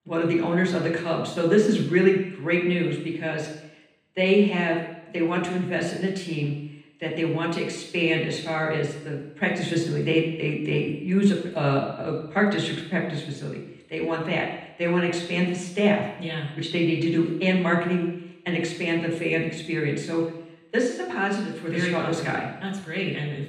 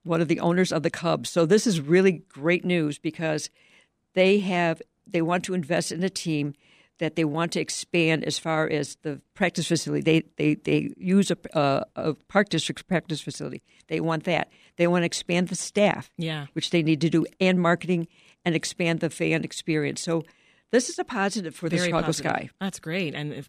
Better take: second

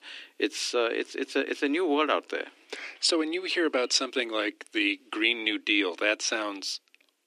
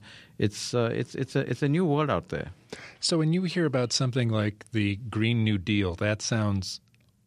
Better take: second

